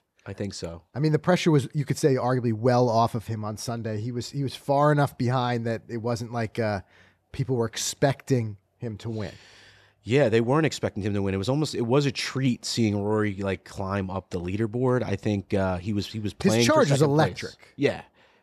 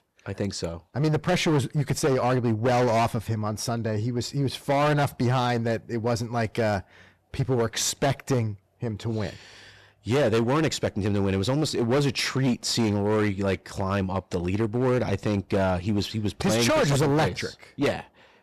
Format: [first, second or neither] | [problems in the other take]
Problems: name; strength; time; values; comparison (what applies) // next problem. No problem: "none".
first | distortion; heavy; 15% of the sound clipped